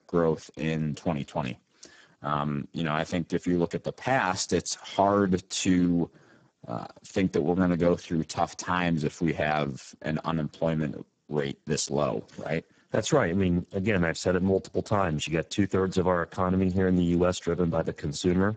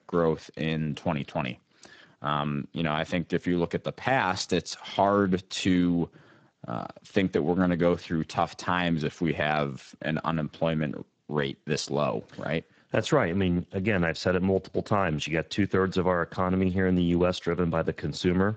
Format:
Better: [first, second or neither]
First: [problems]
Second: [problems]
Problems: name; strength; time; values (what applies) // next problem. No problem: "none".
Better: second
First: garbled, watery; badly; nothing above 7.5 kHz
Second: garbled, watery; slightly; nothing above 8 kHz